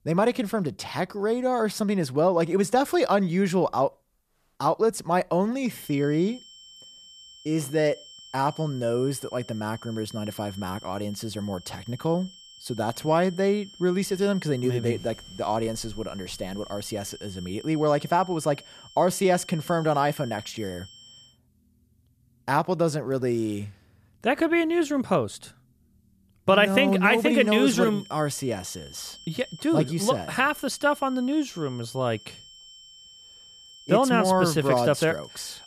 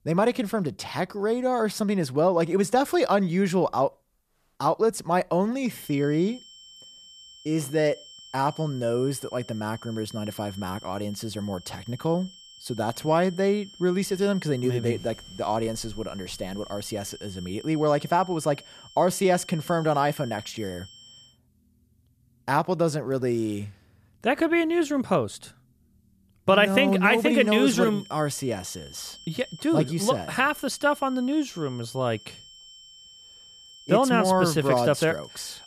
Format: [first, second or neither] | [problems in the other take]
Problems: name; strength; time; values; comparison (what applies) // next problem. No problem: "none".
neither | high-pitched whine; faint; from 5.5 to 21 s and from 27 s on; 3 kHz, 20 dB below the speech; the same in both